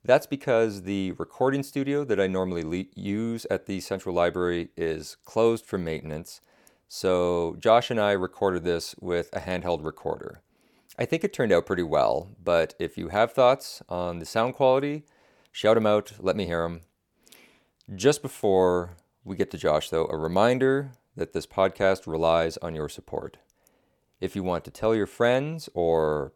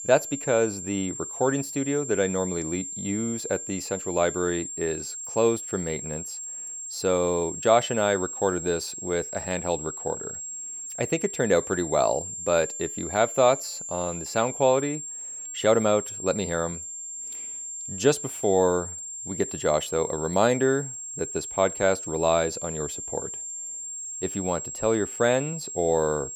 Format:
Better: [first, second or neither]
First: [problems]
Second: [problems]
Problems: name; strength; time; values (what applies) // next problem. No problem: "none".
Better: first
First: none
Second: high-pitched whine; loud; throughout; 7.5 kHz, 7 dB below the speech